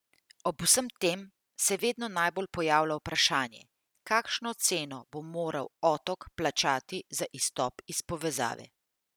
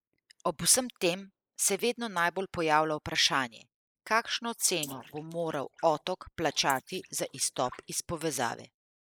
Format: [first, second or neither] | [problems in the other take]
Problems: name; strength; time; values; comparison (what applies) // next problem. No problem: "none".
first | noise reduction (neural mask model Resemble Enhance denoiser)